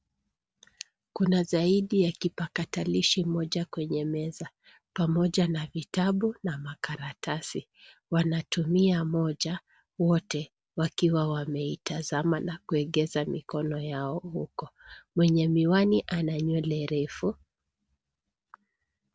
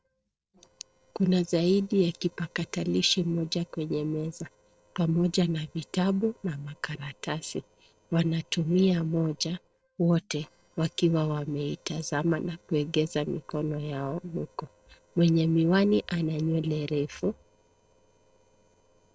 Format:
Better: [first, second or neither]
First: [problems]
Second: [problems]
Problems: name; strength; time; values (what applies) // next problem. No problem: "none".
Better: first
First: none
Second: noise reduction (neural separator model SepFormer DNS4)